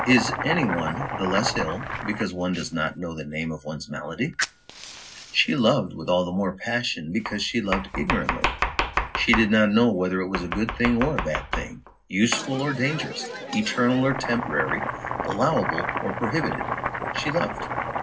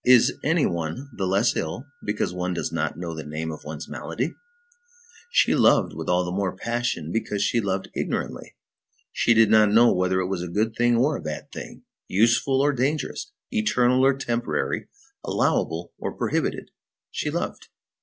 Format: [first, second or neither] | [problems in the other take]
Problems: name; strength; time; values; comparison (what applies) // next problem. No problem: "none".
second | background sound (Domestic sounds, home sounds); 5 dB below the speech // room echo; dies away in 0.4 s